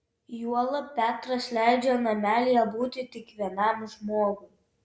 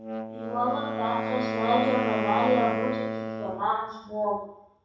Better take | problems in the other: first | background sound (Wind instrument, woodwind instrument); 3 dB below the speech // room echo; dies away in 0.7 s

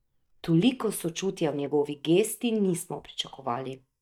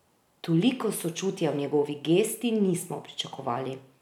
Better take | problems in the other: second | noise reduction (neural mask model DeepFilterNet 3)

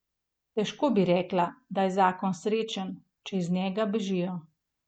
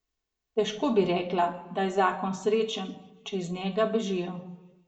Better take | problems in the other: first | room echo; dies away in 0.7 s

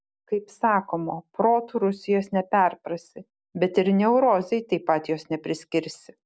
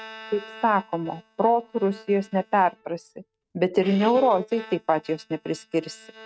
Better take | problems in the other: first | noise reduction (neural mask model RNNoise)

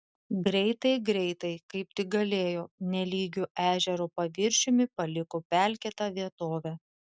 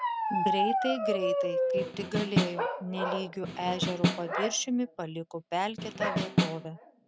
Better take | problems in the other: first | background sound (Bark + Snare drum); 3 dB above the speech

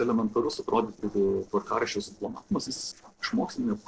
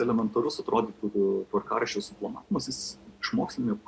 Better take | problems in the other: second | noise reduction (neural separator model SepFormer DNS4)

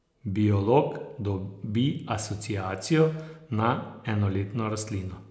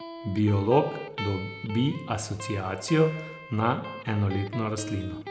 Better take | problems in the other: first | background sound (Electric guitar); 12 dB below the speech

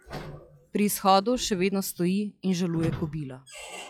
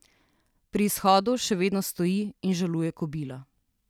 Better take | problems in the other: second | noise reduction (classical method log-MMSE)

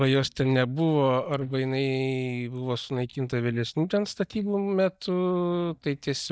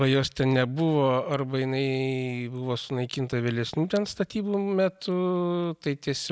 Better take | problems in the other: second | noise reduction (neural mask model DeepFilterNet 3)

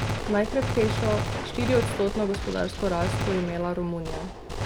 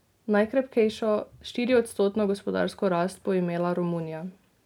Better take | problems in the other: second | background sound (Gunshot, gunfire); 2 dB below the speech

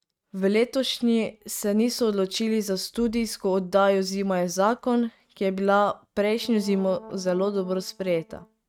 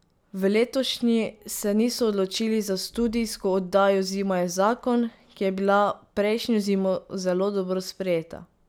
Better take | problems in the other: second | noise reduction (neural mask model RNNoise)

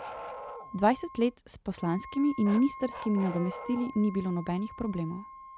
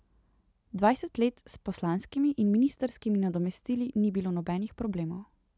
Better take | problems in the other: second | background sound (Bark + Wind instrument, woodwind instrument); 13 dB below the speech

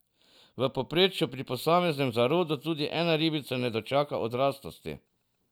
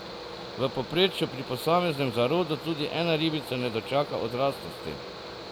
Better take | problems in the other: first | background sound (Mechanical fan); 11 dB below the speech

